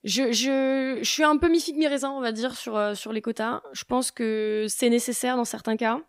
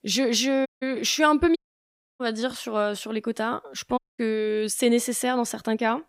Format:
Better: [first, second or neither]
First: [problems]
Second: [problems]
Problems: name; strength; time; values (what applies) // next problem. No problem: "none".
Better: first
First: none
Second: audio cutting out; at 0.5 s, at 1.5 s for 0.5 s and at 4 s